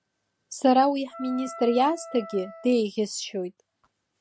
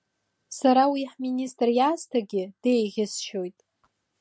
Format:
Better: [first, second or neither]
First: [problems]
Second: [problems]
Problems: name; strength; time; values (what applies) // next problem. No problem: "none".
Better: second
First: background sound (Wind instrument, woodwind instrument); 16 dB below the speech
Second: none